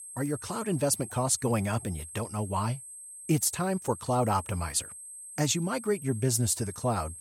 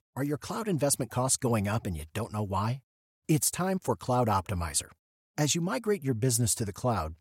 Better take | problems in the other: second | high-pitched whine; noticeable; throughout; 8.5 kHz, 15 dB below the speech

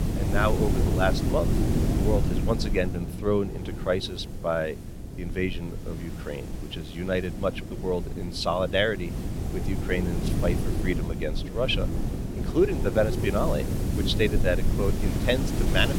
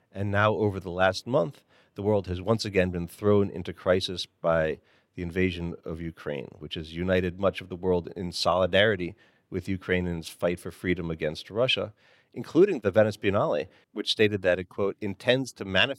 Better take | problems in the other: second | wind noise on the microphone; heavy; 8 dB below the speech

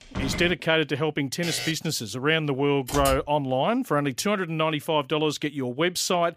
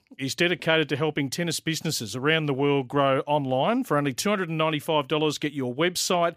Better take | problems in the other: second | door banging; noticeable; at the start; peak 7 dB below the speech // alarm; noticeable; at 1.5 s; peak 6 dB below the speech // keyboard typing; noticeable; at 3 s; peak 6 dB below the speech

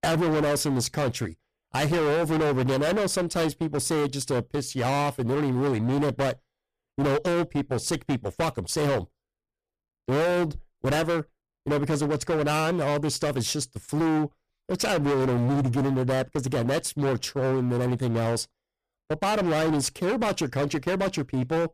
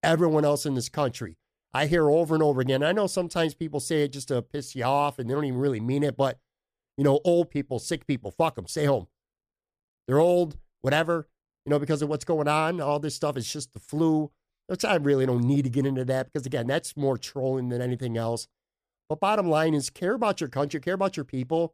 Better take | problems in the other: second | distortion; heavy; 27% of the sound clipped

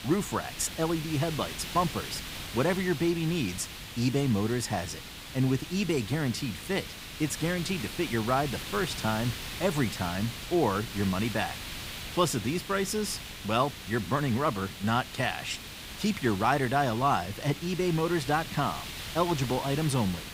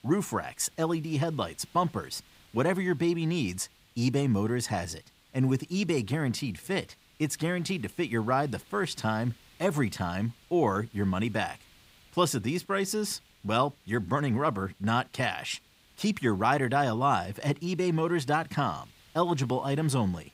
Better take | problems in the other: second | hiss; loud; throughout; 9 dB below the speech; faint in the second

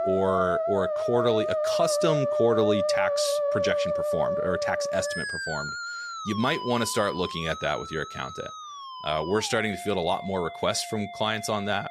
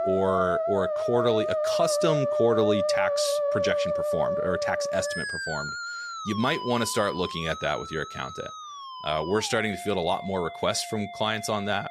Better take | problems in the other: neither | background music; loud; throughout; 2 dB below the speech; the same in both

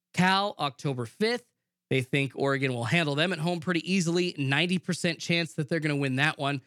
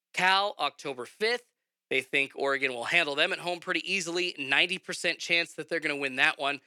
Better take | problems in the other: first | thin; very; fading below 500 Hz

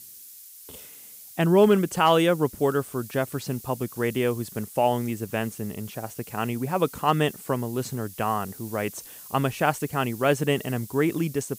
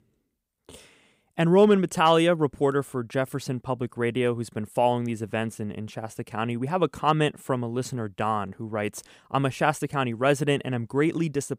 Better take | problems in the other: second | hiss; noticeable; throughout; 15 dB below the speech

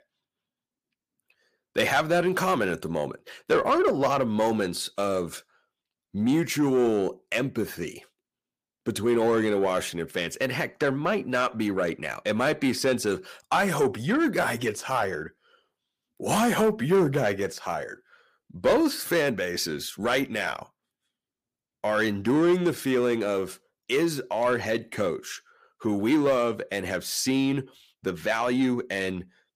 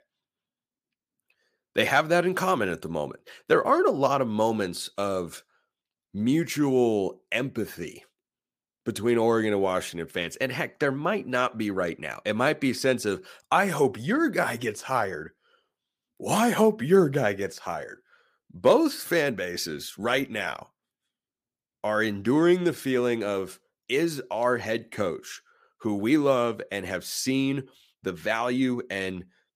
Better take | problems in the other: second | distortion; slight; 10 dB below the speech

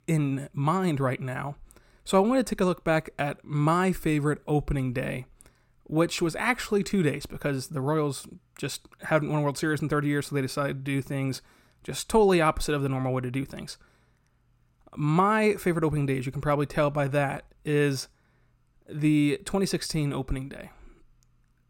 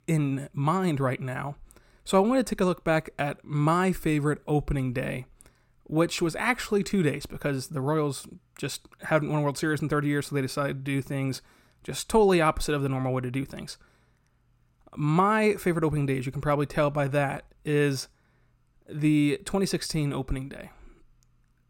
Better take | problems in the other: neither | none

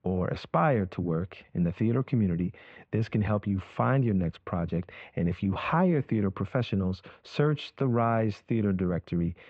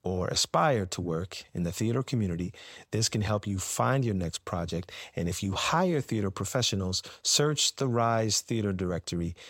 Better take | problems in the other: second | muffled; very; fading above 2.5 kHz

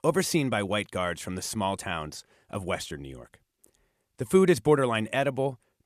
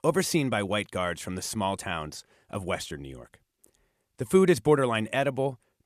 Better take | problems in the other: neither | none

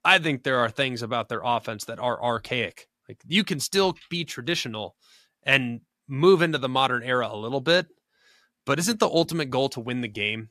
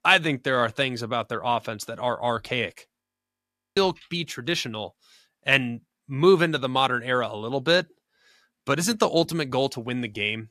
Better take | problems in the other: first | audio freezing; at 3 s for 1 s

